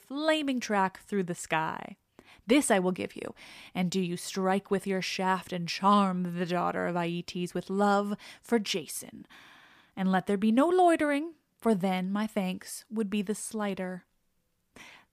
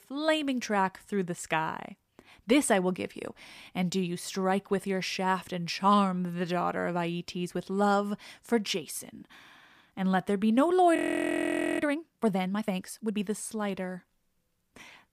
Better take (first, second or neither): first